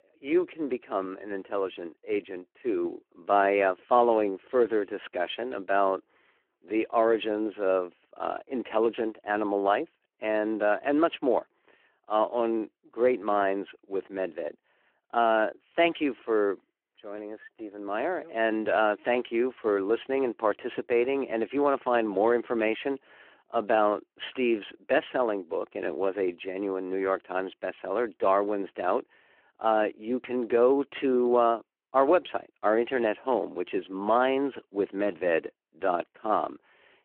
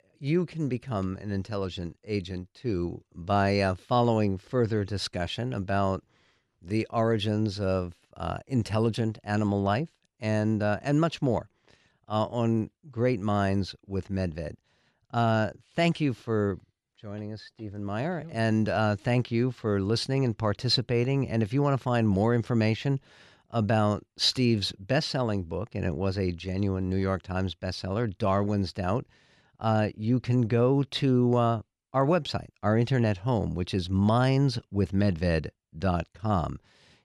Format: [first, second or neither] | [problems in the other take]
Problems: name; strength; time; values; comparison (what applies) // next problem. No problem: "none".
second | phone-call audio